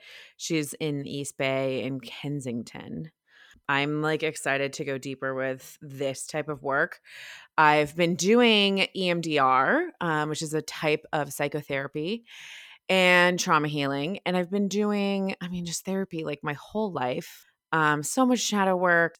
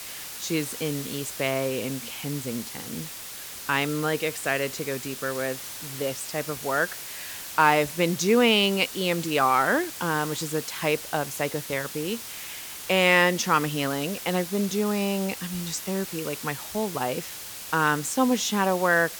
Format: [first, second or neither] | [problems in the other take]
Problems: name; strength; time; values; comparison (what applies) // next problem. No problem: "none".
first | hiss; loud; throughout; 9 dB below the speech